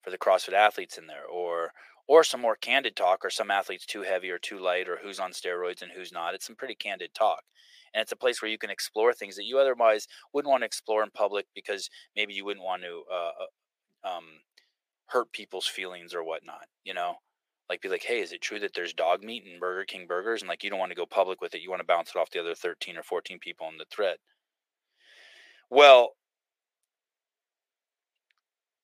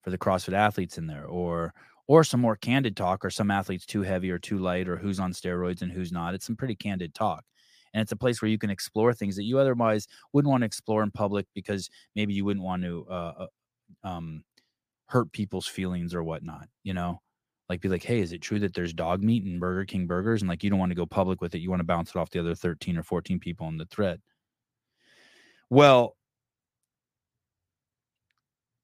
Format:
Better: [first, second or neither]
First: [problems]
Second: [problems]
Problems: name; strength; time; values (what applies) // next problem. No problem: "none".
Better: second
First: thin; very; fading below 450 Hz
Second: none